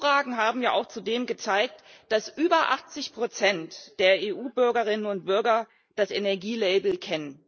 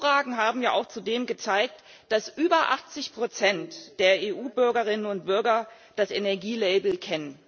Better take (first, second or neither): second